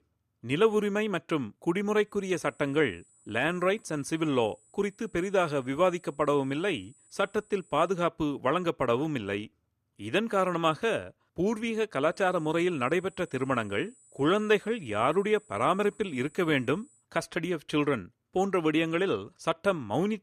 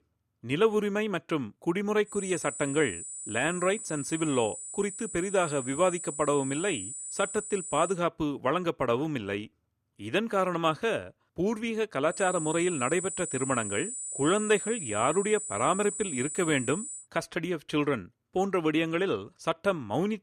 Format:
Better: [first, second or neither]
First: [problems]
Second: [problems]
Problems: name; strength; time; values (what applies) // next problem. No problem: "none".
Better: first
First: high-pitched whine; faint; from 2 to 8 s and from 12 to 17 s; 8 kHz, 30 dB below the speech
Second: high-pitched whine; loud; from 2 to 8 s and from 12 to 17 s; 8 kHz, 6 dB below the speech